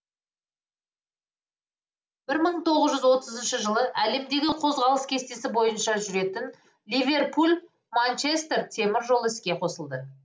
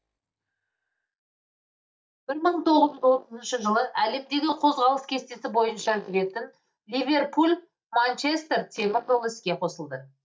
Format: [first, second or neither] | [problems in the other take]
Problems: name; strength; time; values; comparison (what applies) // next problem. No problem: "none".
first | noise reduction (neural mask model DeepFilterNet 3)